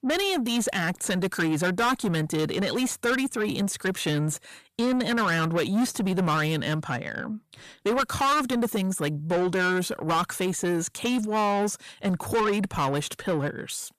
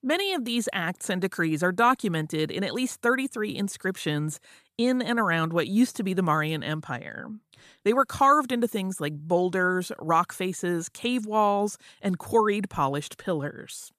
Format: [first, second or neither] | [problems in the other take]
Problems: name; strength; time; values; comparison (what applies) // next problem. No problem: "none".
second | distortion; heavy; 7 dB below the speech